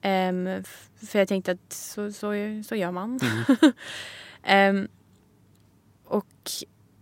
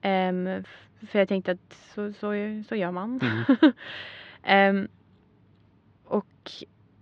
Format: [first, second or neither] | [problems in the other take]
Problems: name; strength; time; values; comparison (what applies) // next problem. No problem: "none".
first | muffled; slightly; fading above 3.5 kHz